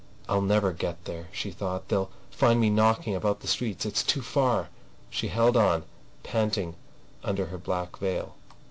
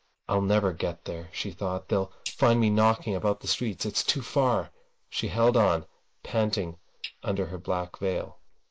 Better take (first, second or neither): first